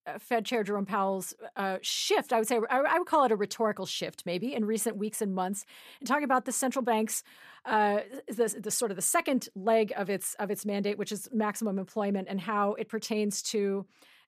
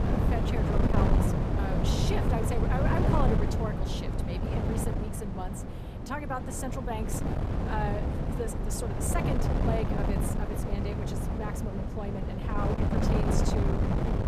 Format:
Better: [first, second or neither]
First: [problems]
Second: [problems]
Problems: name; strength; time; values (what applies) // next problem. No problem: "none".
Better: first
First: none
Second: wind noise on the microphone; heavy; 1 dB above the speech